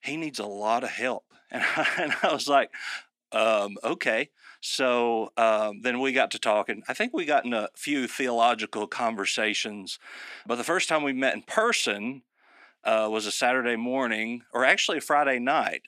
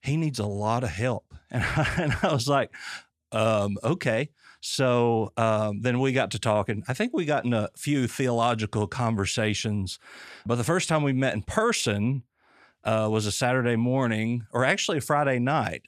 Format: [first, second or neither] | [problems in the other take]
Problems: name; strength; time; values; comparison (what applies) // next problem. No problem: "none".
second | thin; somewhat; fading below 250 Hz